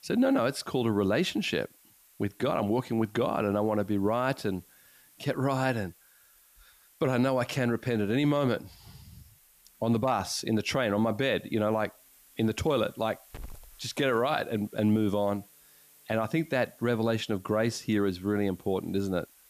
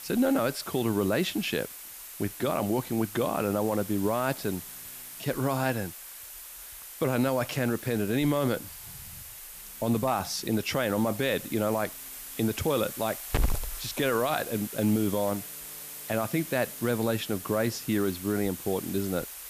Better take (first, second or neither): first